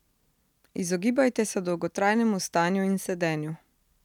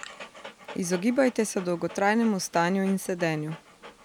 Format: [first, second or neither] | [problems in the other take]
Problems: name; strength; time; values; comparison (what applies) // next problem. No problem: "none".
first | background sound (Dog); 18 dB below the speech